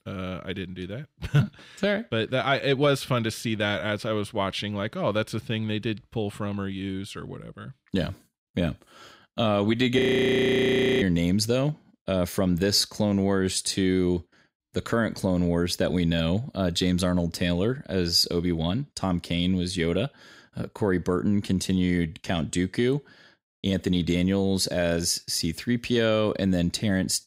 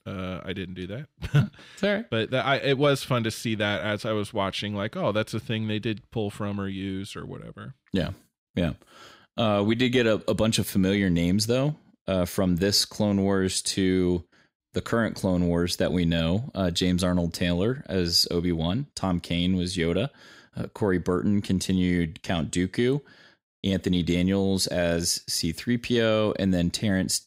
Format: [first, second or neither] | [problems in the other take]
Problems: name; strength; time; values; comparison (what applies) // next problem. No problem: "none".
second | audio freezing; at 10 s for 1 s